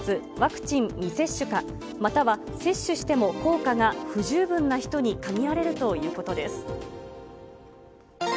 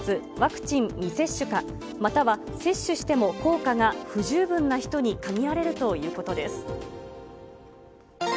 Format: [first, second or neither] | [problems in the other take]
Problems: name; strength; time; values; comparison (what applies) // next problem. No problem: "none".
second | background sound (Piano); 13 dB below the speech